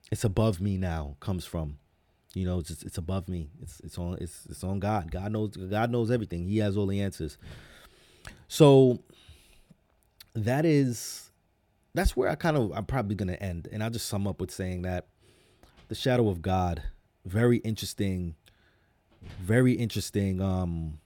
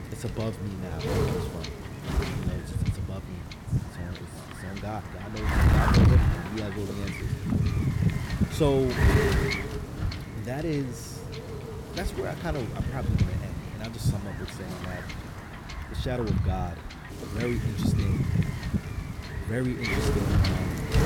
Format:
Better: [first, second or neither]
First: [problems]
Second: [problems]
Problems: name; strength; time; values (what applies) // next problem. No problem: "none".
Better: first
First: none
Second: wind noise on the microphone; heavy; 2 dB above the speech